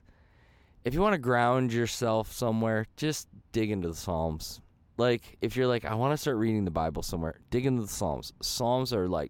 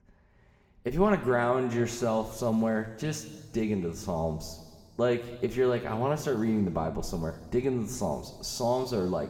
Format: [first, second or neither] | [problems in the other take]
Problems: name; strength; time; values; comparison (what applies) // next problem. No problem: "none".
first | room echo; slight; dies away in 1.7 s